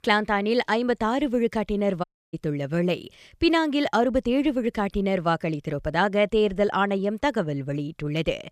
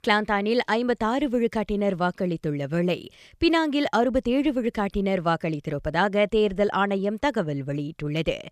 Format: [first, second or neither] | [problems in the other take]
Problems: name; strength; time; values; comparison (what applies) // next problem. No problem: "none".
second | audio cutting out; at 2 s